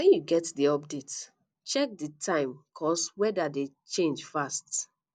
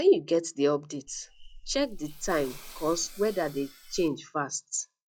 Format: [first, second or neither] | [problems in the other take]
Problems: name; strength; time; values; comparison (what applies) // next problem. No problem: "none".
first | noise reduction (classical method log-MMSE)